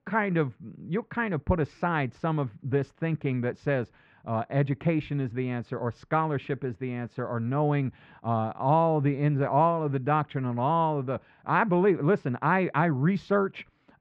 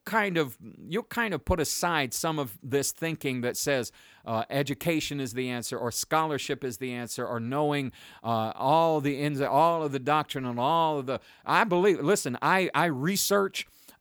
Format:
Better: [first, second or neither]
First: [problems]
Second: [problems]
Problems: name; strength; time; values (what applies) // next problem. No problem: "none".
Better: second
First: muffled; very; fading above 2 kHz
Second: none